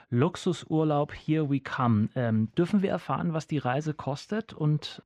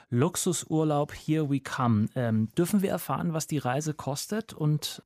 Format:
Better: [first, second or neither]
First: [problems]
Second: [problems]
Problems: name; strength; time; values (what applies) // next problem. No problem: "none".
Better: second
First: muffled; slightly; fading above 3 kHz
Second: none